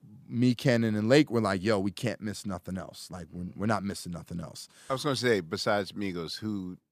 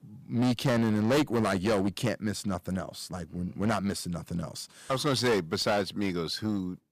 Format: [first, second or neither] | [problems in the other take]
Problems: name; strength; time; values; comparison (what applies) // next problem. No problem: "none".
first | distortion; heavy; 10% of the sound clipped